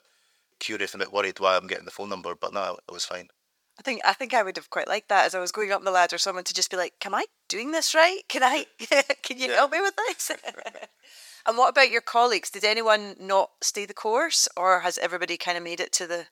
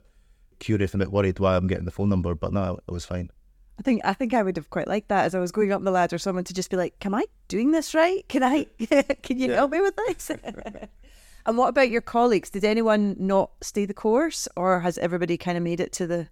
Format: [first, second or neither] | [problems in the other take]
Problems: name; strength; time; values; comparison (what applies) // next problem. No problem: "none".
second | thin; very; fading below 800 Hz